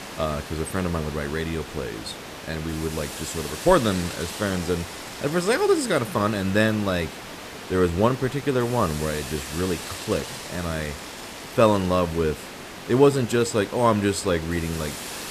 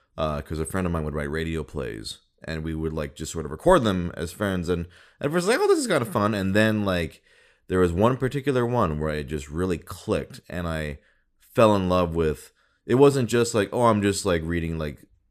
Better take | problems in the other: second | hiss; noticeable; throughout; 10 dB below the speech

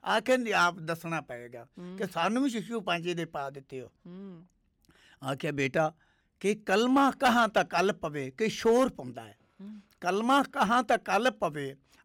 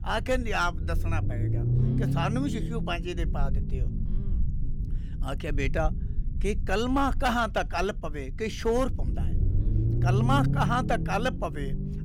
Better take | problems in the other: first | low rumble; noticeable; throughout; 10 dB below the speech

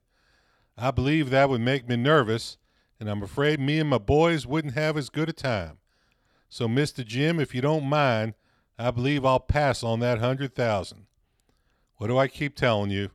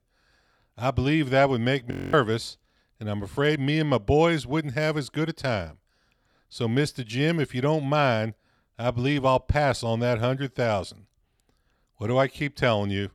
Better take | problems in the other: first | audio freezing; at 2 s

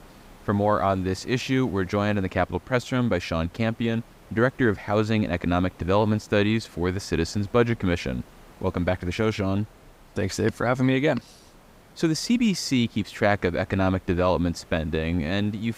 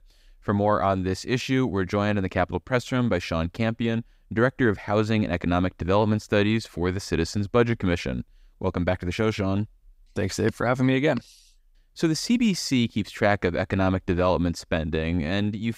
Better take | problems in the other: second | hiss; faint; throughout; 25 dB below the speech

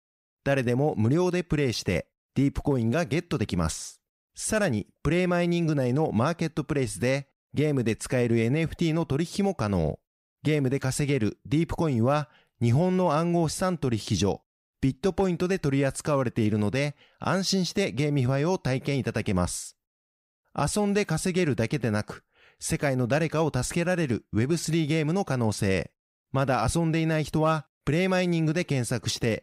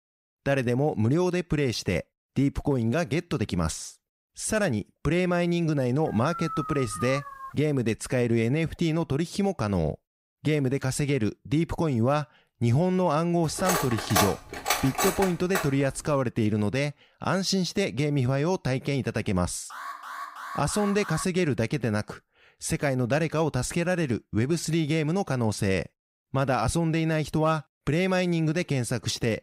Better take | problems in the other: first | dog barking; noticeable; from 6 to 7.5 s; peak 7 dB below the speech // clattering dishes; loud; from 14 to 16 s; peak 1 dB above the speech // alarm; faint; from 20 to 21 s; peak 10 dB below the speech

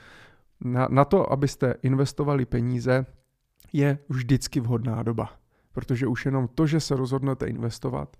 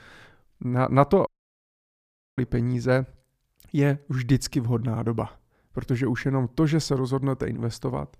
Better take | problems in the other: first | audio cutting out; at 1.5 s for 1 s

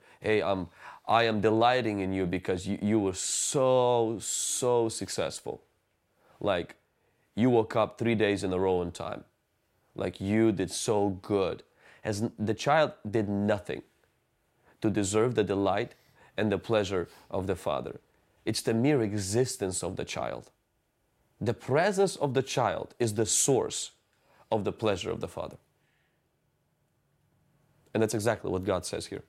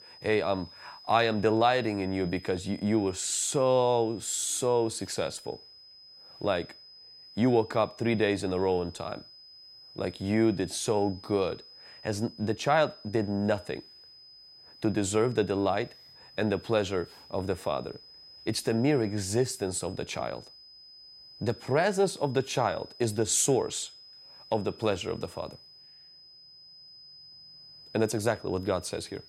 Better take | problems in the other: first | high-pitched whine; faint; throughout; 5 kHz, 20 dB below the speech

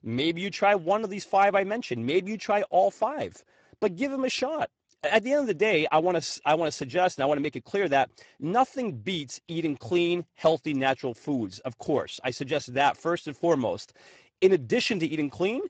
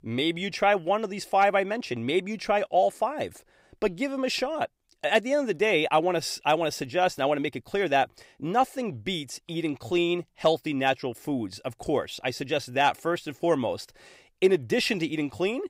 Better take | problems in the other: second | garbled, watery; badly; nothing above 7.5 kHz

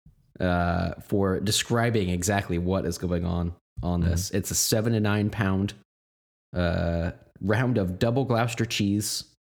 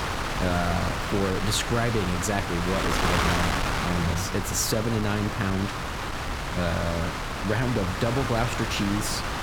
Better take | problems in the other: first | wind noise on the microphone; heavy; 2 dB above the speech

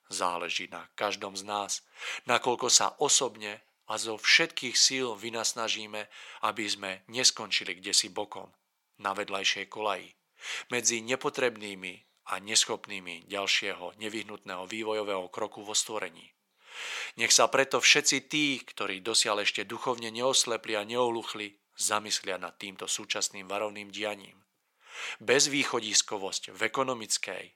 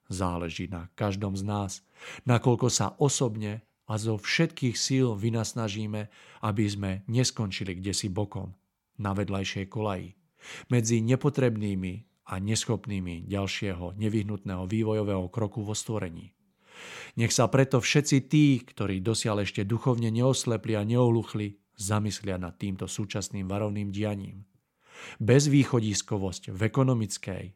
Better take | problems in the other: second | thin; very; fading below 600 Hz

